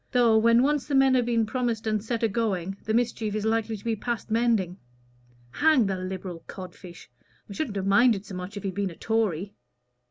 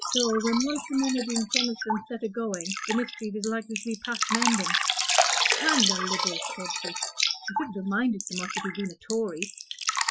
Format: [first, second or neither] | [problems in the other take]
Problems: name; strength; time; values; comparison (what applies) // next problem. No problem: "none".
first | noise reduction (classical method Wiener filter)